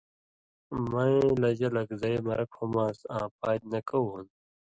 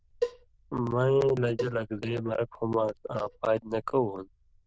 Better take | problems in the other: first | noise reduction (neural diffusion model UNIVERSE++)

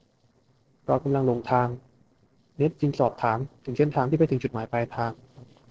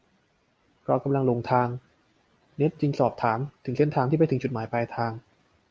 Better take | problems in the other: second | noise reduction (neural separator model SepFormer DNS4)

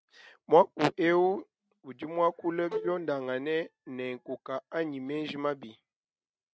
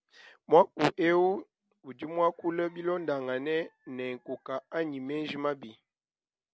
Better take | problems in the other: second | noise reduction (neural mask model RNNoise)

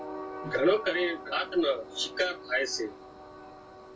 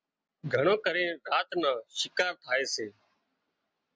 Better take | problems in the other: second | background sound (Train); 12 dB below the speech // room echo; dies away in 0.2 s

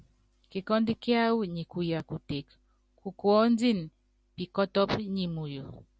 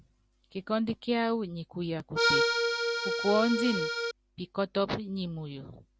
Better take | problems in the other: first | background sound (Accordion); 4 dB above the speech

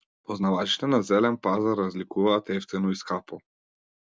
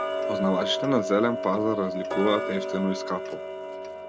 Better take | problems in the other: first | background sound (Tick-tock); 3 dB below the speech

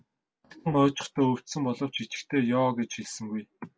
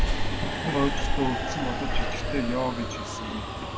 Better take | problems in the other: first | background sound (Subway, metro, underground); 4 dB above the speech

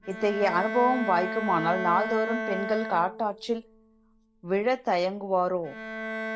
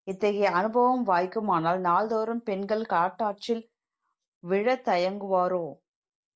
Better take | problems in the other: second | background sound (Bowed string instrument); 7 dB below the speech

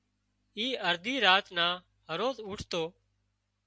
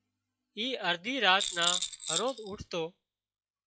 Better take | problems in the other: first | noise reduction (classical method log-MMSE)

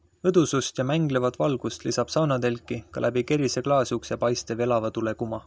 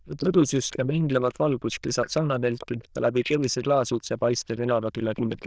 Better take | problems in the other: first | noise reduction (neural diffusion model UNIVERSE++)

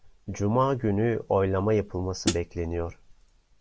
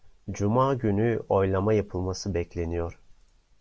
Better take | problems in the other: second | background sound (Hi-hat); 2 dB below the speech

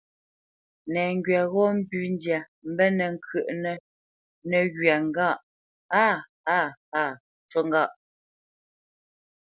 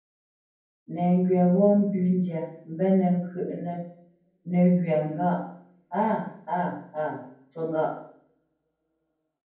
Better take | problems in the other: first | room echo; dies away in 0.9 s

